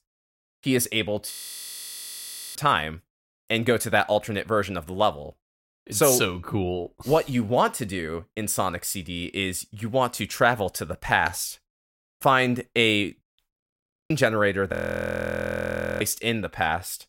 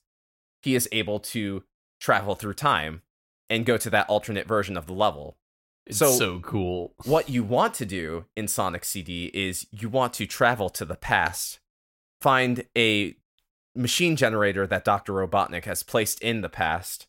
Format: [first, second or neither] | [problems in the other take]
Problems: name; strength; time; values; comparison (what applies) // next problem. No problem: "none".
second | audio freezing; at 1.5 s for 1 s, at 14 s for 0.5 s and at 15 s for 1.5 s